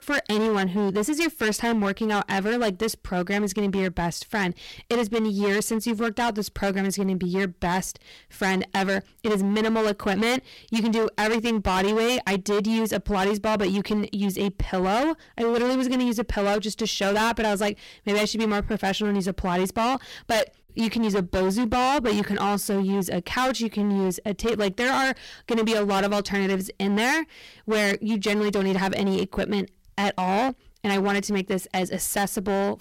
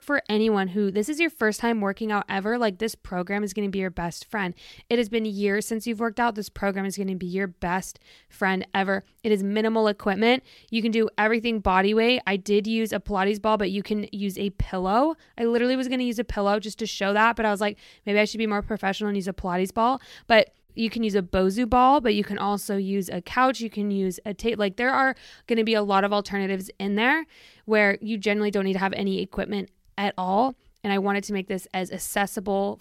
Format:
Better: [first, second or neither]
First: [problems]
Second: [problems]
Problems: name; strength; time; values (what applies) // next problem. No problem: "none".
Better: second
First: distortion; heavy; 22% of the sound clipped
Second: none